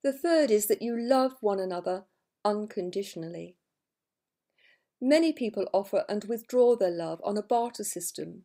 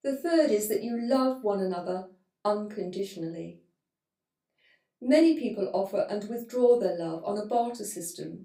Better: first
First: none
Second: off-mic speech; far // room echo; very slight; dies away in 0.2 s

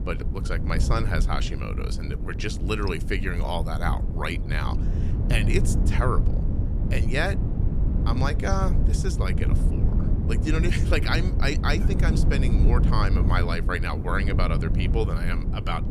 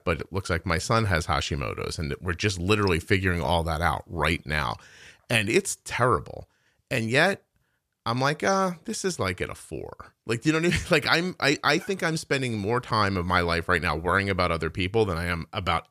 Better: second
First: low rumble; loud; throughout; 8 dB below the speech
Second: none

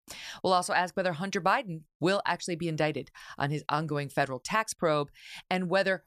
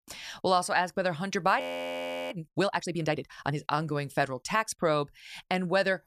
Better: first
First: none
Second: audio freezing; at 1.5 s for 0.5 s

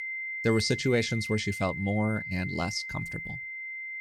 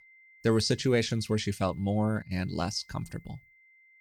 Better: second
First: high-pitched whine; loud; throughout; 2 kHz, 6 dB below the speech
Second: high-pitched whine; faint; throughout; 2 kHz, 30 dB below the speech

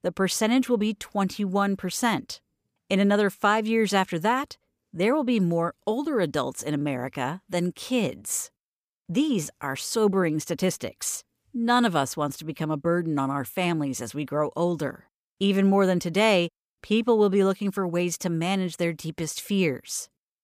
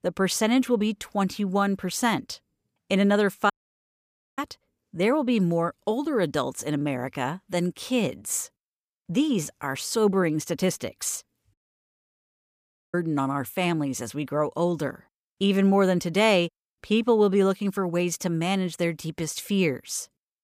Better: first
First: none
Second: audio cutting out; at 3.5 s for 1 s and at 12 s for 1.5 s

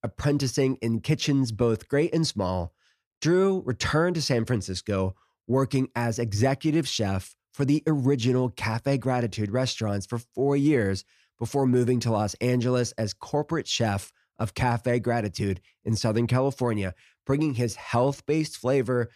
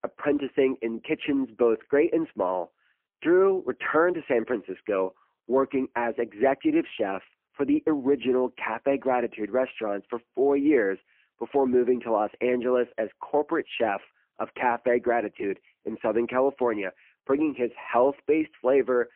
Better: first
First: none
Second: phone-call audio; poor line

